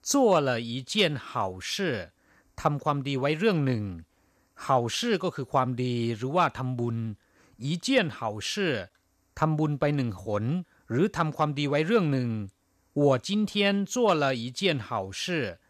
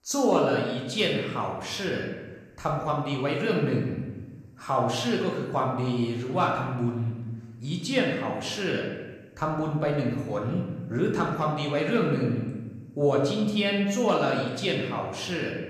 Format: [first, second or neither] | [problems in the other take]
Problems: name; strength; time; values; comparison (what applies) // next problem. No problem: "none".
first | room echo; noticeable; dies away in 1 s // off-mic speech; somewhat distant